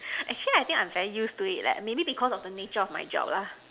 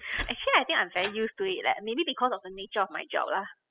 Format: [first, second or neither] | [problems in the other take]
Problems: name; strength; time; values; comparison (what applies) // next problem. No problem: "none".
first | noise reduction (classical method spectral subtraction)